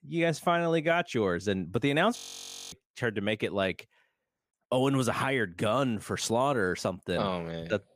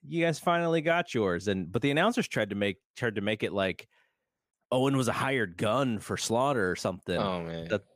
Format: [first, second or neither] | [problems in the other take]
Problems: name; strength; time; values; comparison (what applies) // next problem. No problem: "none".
second | audio freezing; at 2 s for 0.5 s